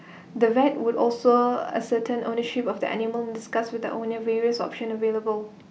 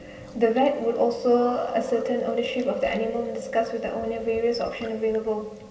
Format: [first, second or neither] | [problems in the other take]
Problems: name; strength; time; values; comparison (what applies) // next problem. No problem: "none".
first | background sound (Chewing, mastication); 11 dB below the speech // room echo; dies away in 1.4 s